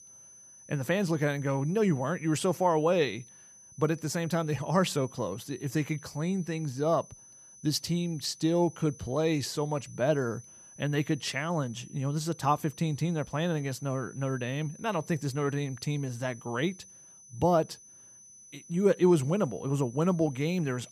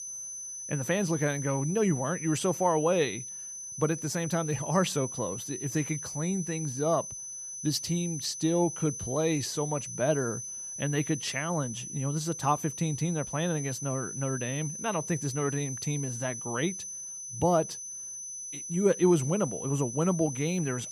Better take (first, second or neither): first